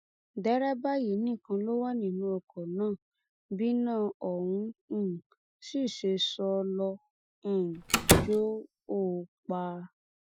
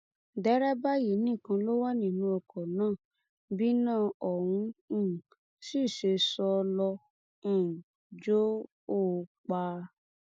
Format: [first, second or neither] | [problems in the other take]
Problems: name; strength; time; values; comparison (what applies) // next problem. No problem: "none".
second | noise reduction (classical method Wiener filter)